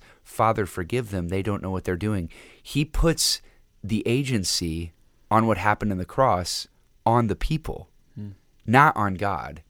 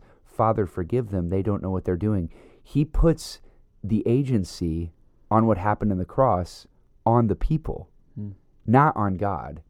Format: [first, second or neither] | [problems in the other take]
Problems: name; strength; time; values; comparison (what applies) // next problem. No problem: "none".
first | muffled; slightly; fading above 1.5 kHz